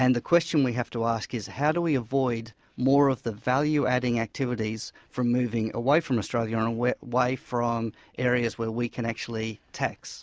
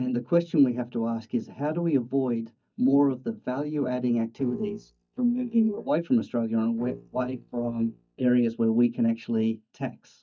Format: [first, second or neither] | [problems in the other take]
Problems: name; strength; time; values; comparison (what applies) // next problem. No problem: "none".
first | noise reduction (neural mask model DeepFilterNet 3)